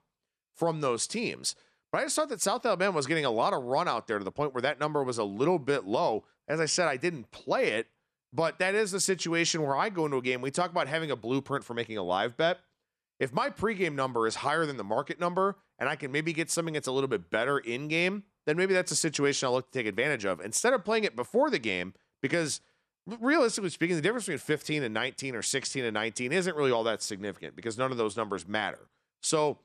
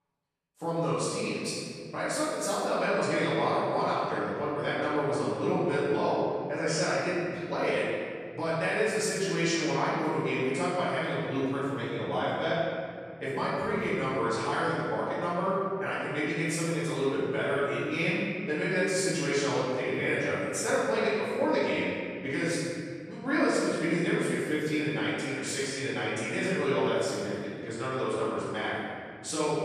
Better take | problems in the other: first | off-mic speech; far // room echo; strong; dies away in 2.3 s

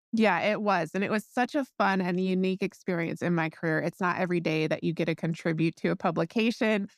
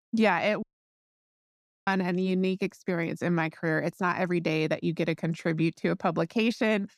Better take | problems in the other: first | audio cutting out; at 0.5 s for 1 s

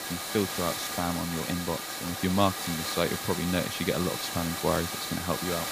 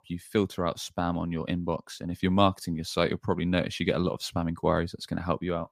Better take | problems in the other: second | hiss; loud; throughout; 2 dB below the speech

